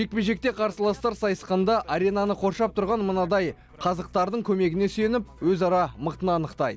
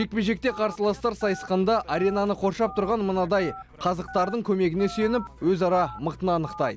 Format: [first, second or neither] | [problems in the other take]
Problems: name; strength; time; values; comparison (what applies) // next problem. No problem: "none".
first | background sound (Telephone); 18 dB below the speech